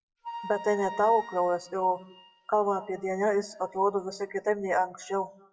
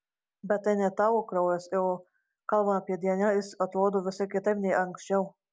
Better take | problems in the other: second | noise reduction (classical method WPE with log-MMSE)

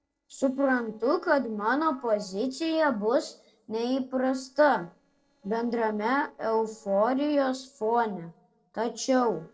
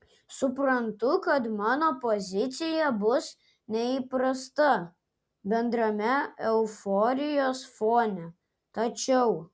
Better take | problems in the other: second | noise reduction (neural separator model SepFormer DNS4)

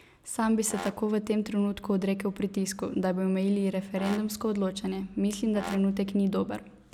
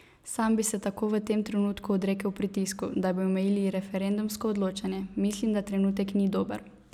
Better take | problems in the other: second | background sound (Brass instrument); 15 dB below the speech

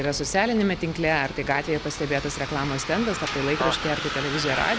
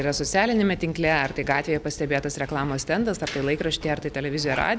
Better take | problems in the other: second | background sound (Bus); 7 dB below the speech

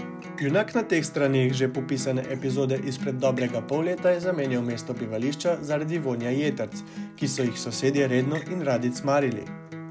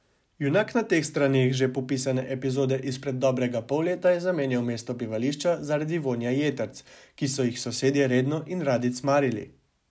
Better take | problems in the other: second | background sound (Acoustic guitar); 12 dB below the speech

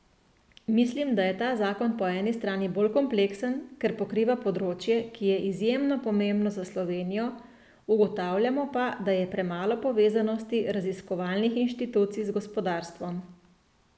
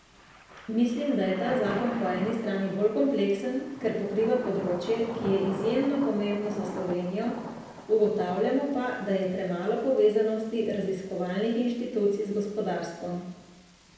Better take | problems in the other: first | background sound (Thunder / Rain); 14 dB below the speech // room echo; dies away in 0.9 s

